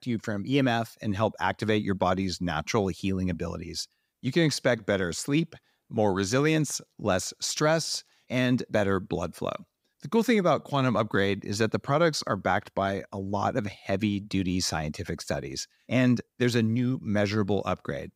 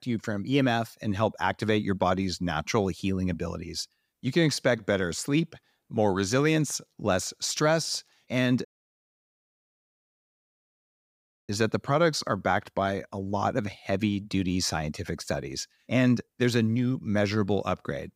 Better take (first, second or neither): first